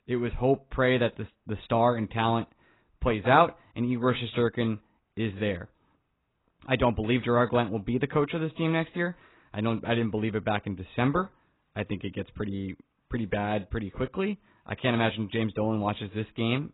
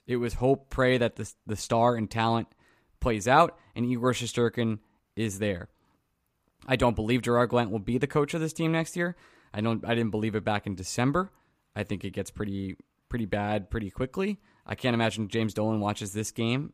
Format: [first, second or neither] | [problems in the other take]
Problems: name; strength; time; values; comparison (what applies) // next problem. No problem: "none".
second | garbled, watery; badly; nothing above 4 kHz